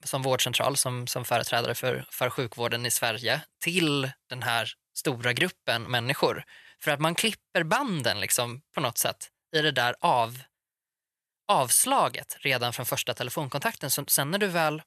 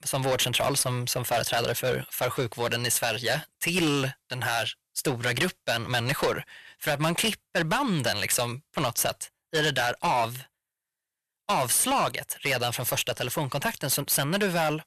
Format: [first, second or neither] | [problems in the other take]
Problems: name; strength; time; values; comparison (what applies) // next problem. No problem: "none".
first | distortion; heavy; 9% of the sound clipped